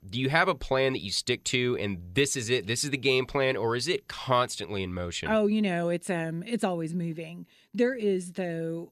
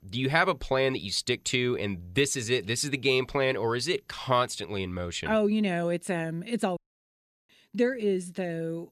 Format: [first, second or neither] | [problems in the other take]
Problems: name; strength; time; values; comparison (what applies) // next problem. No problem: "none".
first | audio cutting out; at 7 s for 0.5 s